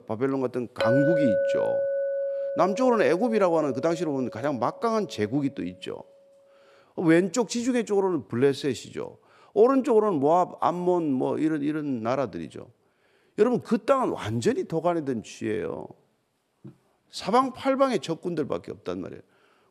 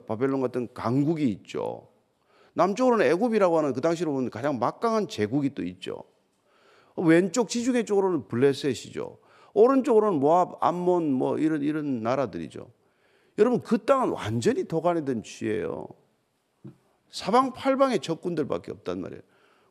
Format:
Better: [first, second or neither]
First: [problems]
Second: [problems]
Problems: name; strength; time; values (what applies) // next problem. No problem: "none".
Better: second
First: clattering dishes; loud; from 1 to 4.5 s; peak 2 dB above the speech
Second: none